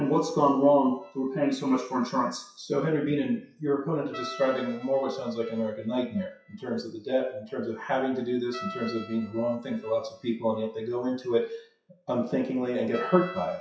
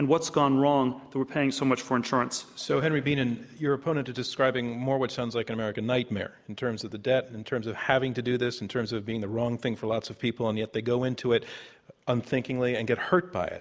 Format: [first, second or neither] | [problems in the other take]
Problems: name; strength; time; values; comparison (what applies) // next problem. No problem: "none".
second | noise reduction (classical method WPE with log-MMSE)